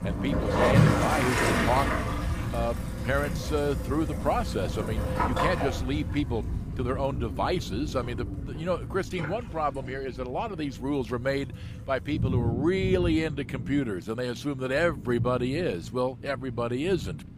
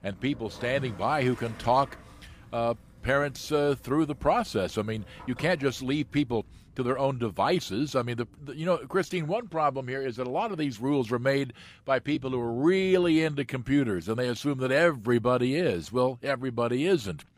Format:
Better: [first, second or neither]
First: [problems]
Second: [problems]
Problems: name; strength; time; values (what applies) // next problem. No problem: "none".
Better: second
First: rain or running water; loud; throughout; as loud as the speech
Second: rain or running water; faint; throughout; 25 dB below the speech